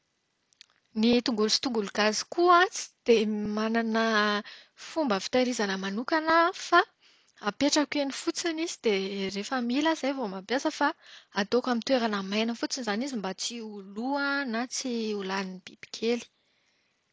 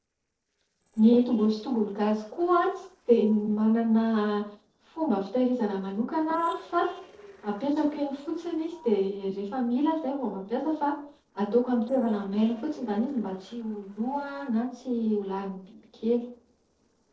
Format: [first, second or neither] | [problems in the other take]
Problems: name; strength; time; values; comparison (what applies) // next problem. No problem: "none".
first | noise reduction (neural separator model SepFormer DNS4)